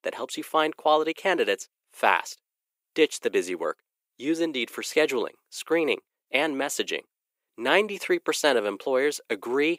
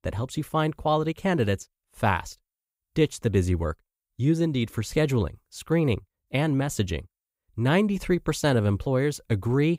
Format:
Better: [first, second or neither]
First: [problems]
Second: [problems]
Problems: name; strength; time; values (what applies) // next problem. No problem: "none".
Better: second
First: thin; very; fading below 350 Hz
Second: none